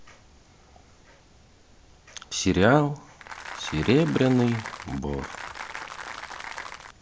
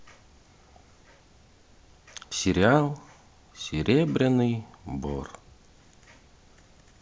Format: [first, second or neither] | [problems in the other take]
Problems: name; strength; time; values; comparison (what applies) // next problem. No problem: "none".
second | background sound (Applause); 11 dB below the speech